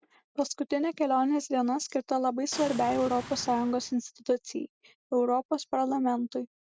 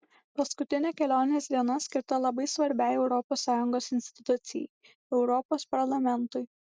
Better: second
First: background sound (Boom); 13 dB below the speech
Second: none

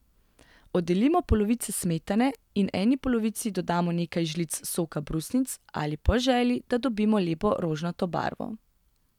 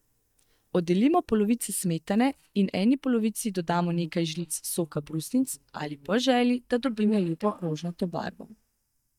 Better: first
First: none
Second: noise reduction (neural mask model DeepFilterNet 3)

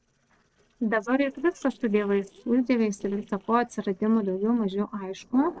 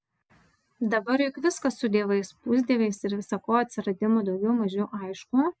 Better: second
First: noise reduction (neural separator model SepFormer DNS4)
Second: none

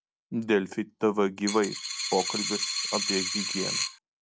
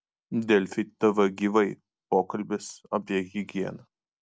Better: second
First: background sound (Coin (dropping)); 2 dB below the speech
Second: none

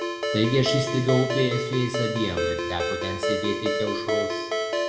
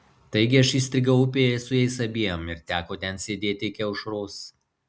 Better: second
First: background sound (Ringtone); 1 dB below the speech // room echo; dies away in 1.8 s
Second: none

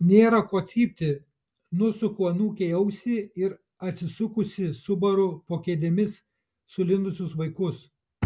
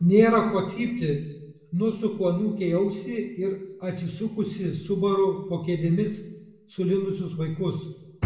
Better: first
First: none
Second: room echo; dies away in 0.7 s

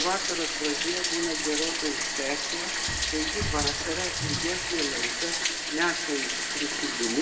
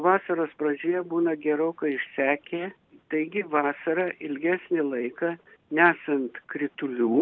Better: second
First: background sound (Bathtub (filling or washing)); 3 dB above the speech // room echo; dies away in 1.2 s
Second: none

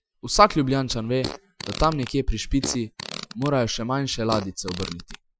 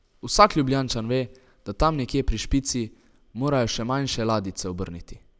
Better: second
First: noise reduction (classical method Wiener filter)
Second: none

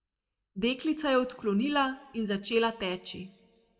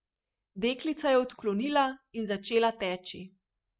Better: second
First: room echo; dies away in 0.5 s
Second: none

